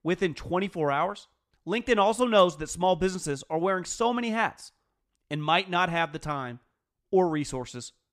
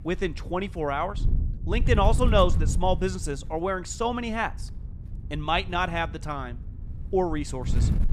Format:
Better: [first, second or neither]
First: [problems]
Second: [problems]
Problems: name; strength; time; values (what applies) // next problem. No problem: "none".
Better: first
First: none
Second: wind noise on the microphone; occasional gusts; 20 dB below the speech